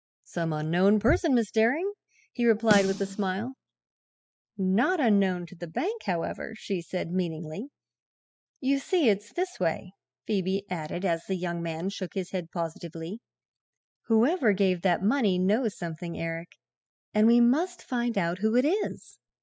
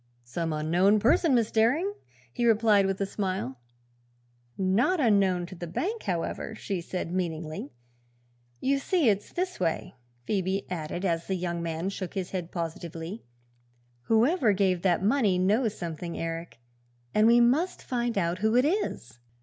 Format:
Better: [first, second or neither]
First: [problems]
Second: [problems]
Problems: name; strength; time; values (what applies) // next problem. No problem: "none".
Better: second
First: noise reduction (classical method spectral subtraction)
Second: none